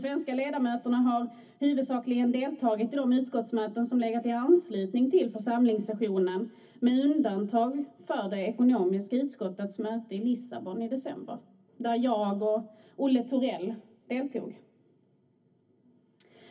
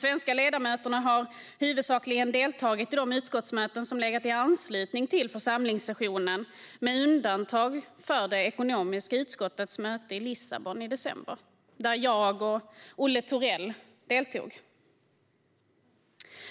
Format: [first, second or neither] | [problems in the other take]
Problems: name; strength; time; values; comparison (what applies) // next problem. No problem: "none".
second | room echo; dies away in 0.3 s